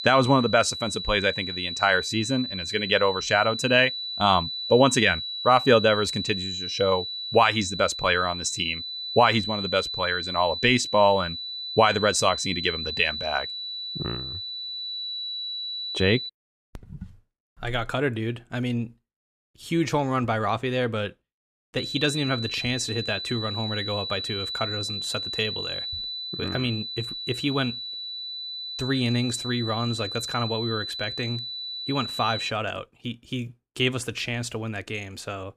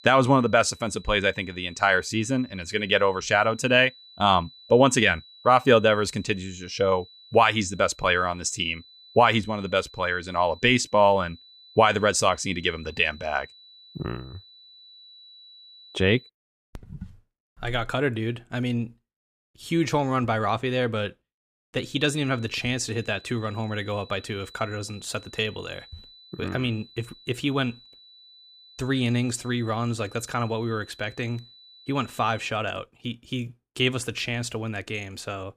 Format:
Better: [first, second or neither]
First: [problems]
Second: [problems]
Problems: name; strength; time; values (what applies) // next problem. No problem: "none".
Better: second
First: high-pitched whine; loud; until 16 s and from 22 to 33 s; 4 kHz, 5 dB below the speech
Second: high-pitched whine; faint; until 16 s and from 22 to 33 s; 4 kHz, 25 dB below the speech